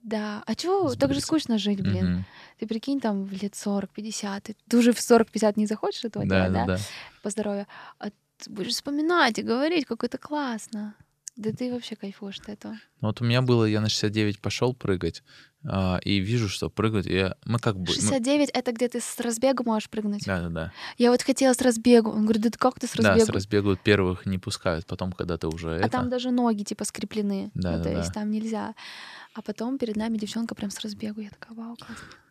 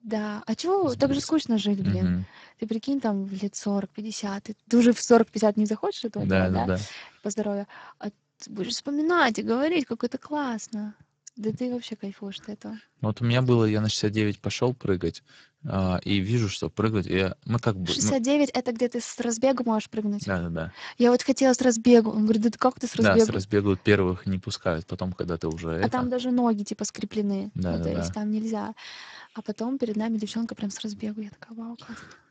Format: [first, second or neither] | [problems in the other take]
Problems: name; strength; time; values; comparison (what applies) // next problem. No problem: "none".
first | garbled, watery; badly; nothing above 7.5 kHz